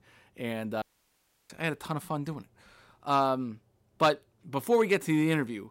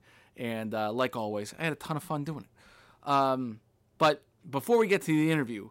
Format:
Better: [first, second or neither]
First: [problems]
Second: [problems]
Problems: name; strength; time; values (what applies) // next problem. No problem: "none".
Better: second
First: audio cutting out; at 1 s for 0.5 s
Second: none